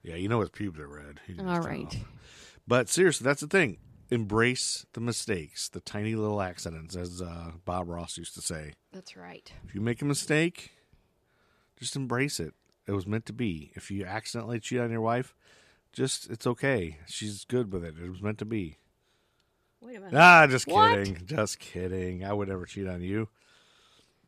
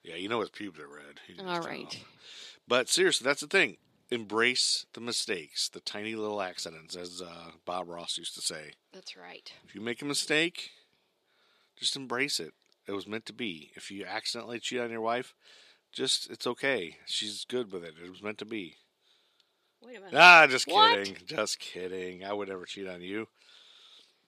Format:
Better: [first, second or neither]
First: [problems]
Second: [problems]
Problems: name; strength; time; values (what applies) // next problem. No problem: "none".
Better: first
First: none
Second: thin; somewhat; fading below 300 Hz